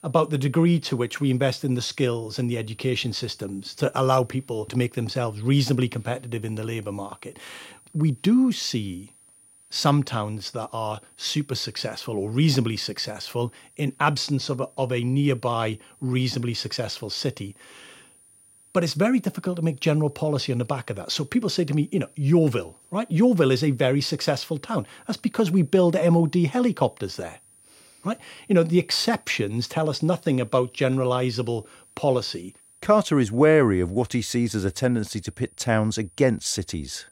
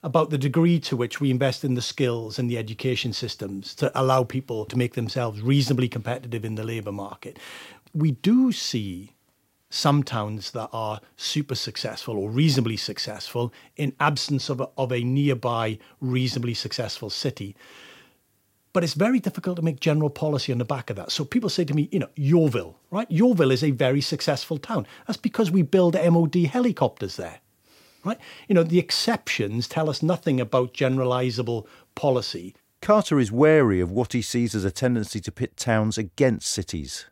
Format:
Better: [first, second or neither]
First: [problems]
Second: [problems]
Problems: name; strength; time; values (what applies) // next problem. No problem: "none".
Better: second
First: high-pitched whine; faint; throughout; 9.5 kHz, 30 dB below the speech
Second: none